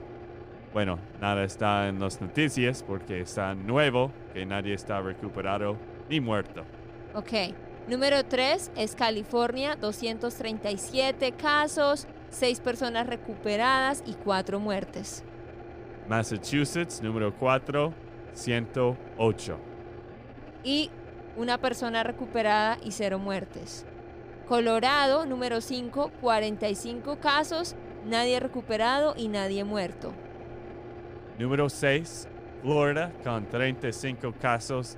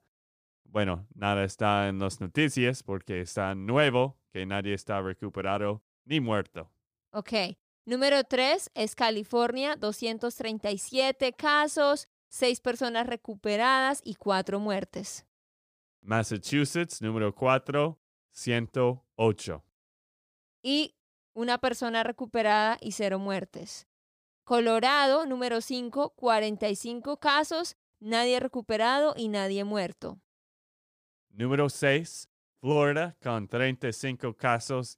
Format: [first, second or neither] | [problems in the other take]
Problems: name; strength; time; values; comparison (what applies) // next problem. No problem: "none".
second | low rumble; noticeable; throughout; 20 dB below the speech